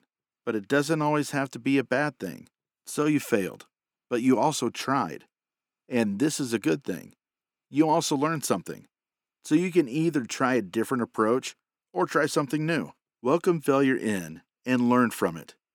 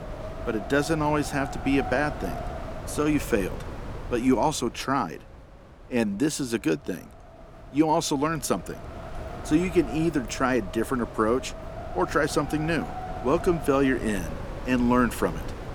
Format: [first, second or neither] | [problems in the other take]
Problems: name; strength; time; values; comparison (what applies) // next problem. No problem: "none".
first | wind noise on the microphone; occasional gusts; 10 dB below the speech